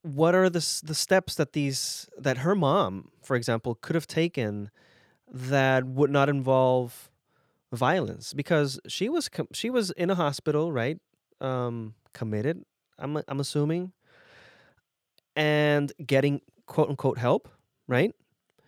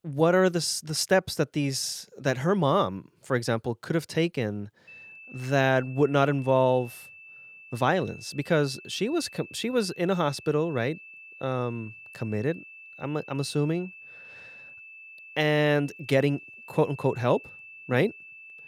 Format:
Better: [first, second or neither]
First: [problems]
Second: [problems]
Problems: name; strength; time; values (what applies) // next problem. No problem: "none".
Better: first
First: none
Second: high-pitched whine; noticeable; from 5 s on; 2.5 kHz, 20 dB below the speech